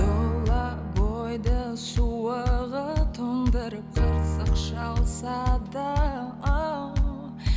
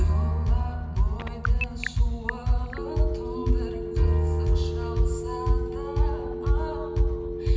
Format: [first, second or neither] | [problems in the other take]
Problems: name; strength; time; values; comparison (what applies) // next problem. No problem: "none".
first | background sound (Telephone); 10 dB below the speech // room echo; dies away in 1.4 s